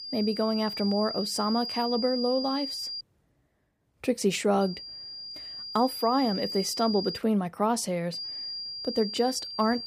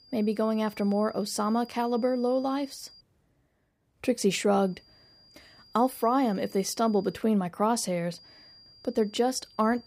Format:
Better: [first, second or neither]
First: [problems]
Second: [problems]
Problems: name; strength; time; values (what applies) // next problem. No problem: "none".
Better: second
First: high-pitched whine; loud; until 3 s, from 4.5 to 7 s and from 8 s on; 5 kHz, 6 dB below the speech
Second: high-pitched whine; faint; until 3 s, from 4.5 to 7 s and from 8 s on; 5 kHz, 25 dB below the speech